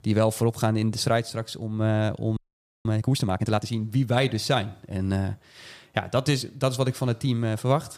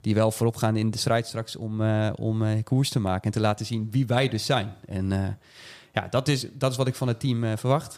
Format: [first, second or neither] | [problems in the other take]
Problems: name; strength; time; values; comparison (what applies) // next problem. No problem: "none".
second | audio freezing; at 2.5 s